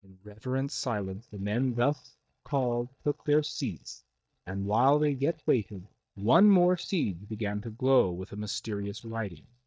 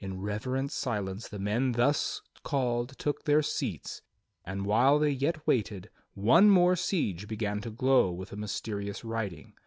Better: second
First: noise reduction (neural mask model DeepFilterNet 3)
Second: none

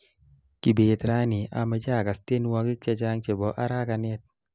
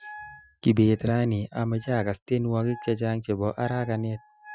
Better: first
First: none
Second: noise reduction (classical method Wiener filter)

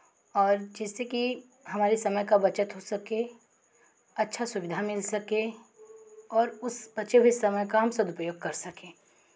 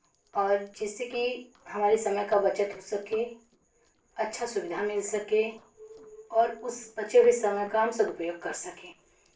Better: first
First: none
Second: noise reduction (neural separator model SepFormer DNS4)

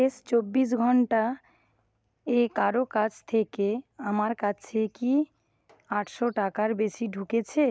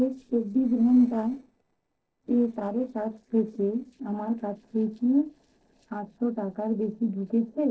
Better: first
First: none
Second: noise reduction (neural separator model SepFormer DNS4)

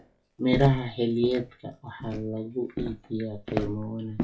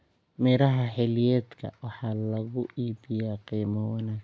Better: second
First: noise reduction (classical method WPE with log-MMSE)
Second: none

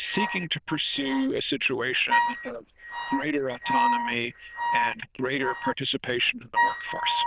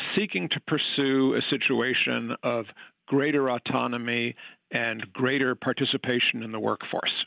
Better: second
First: noise reduction (neural diffusion model UNIVERSE++)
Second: none

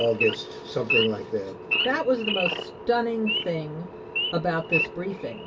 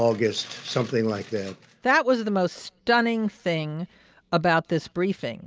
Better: second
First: background sound (Idling / Wild animals); 3 dB below the speech // room echo; dies away in 0.2 s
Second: none

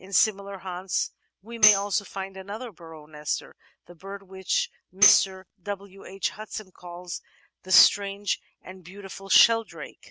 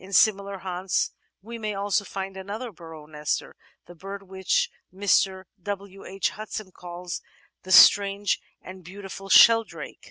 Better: second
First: background sound (Tambourine); 1 dB above the speech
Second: none

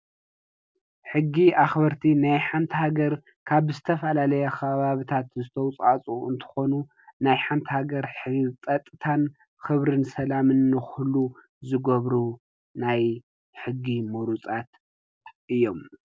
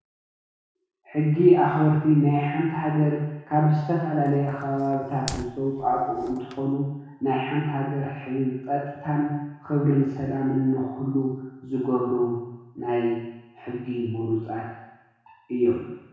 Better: first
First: none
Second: background sound (Fire); 16 dB below the speech // room echo; dies away in 1.1 s

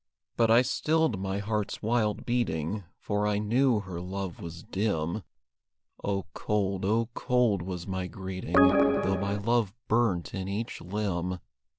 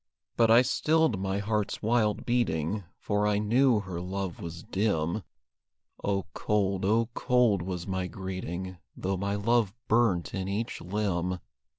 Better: second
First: background sound (Organ); 5 dB above the speech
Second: none

